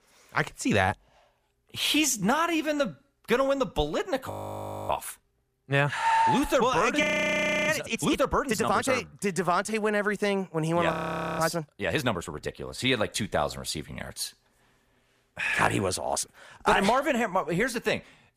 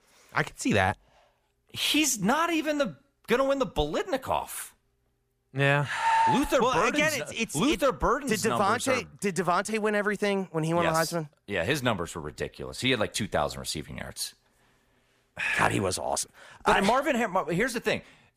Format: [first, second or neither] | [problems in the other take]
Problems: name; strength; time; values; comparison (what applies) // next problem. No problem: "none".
second | audio freezing; at 4.5 s for 0.5 s, at 7 s for 0.5 s and at 11 s